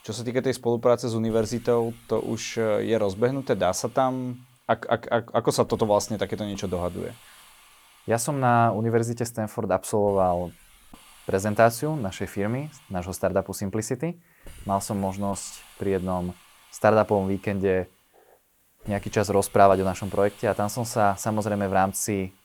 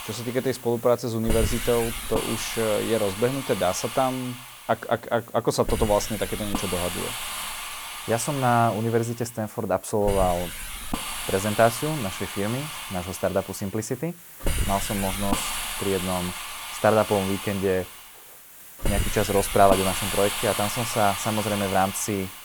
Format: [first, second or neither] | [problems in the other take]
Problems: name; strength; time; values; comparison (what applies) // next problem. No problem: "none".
first | hiss; loud; throughout; 5 dB below the speech; faint in the first